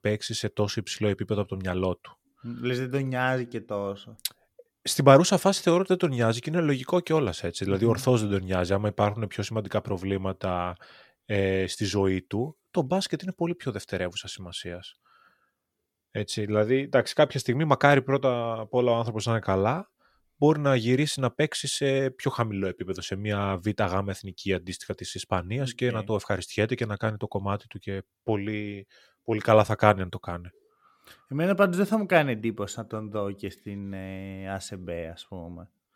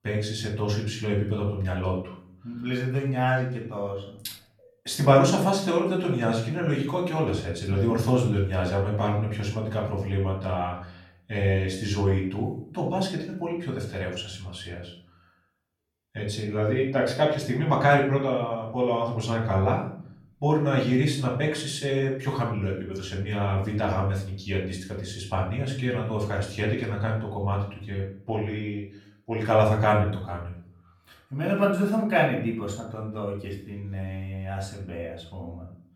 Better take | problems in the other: first | off-mic speech; far // room echo; noticeable; dies away in 0.5 s

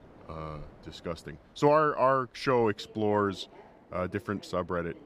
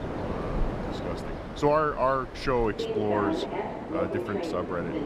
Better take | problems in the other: first | train or aircraft noise; loud; throughout; 4 dB below the speech; faint in the first

